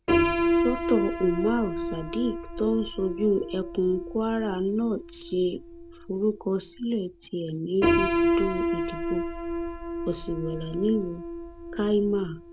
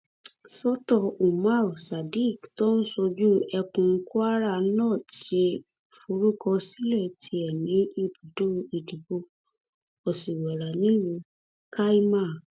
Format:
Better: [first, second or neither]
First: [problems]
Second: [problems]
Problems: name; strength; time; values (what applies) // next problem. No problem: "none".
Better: second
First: background sound (Piano); 1 dB below the speech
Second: none